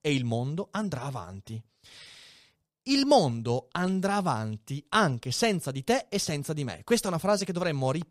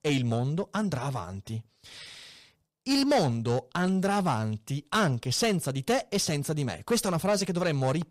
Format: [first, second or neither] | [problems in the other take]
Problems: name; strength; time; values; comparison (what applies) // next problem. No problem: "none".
first | distortion; slight; 10 dB below the speech